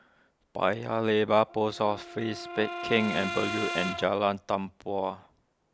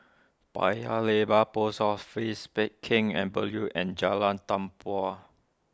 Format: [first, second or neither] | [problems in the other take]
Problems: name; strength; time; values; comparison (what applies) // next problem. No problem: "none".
second | background sound (Brass instrument); 8 dB below the speech